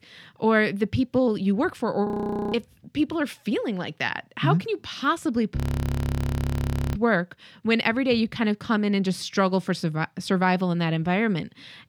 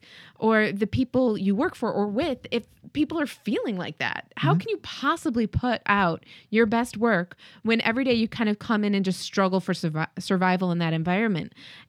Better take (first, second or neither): second